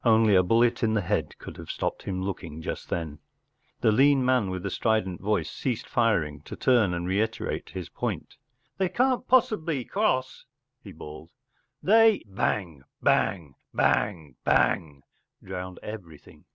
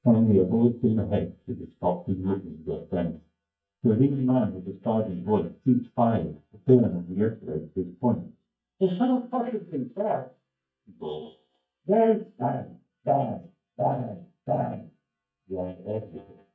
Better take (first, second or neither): first